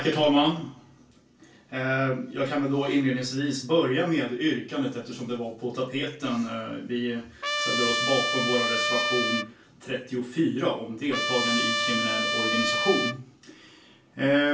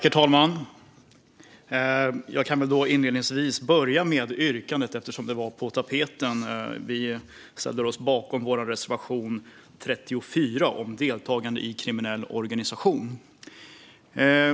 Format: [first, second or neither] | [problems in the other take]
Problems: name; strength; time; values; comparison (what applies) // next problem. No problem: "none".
second | background sound (Trumpet); as loud as the speech // room echo; dies away in 0.3 s